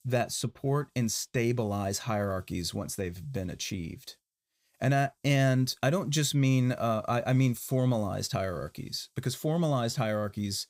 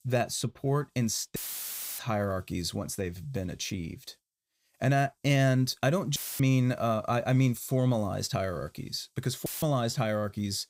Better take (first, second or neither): first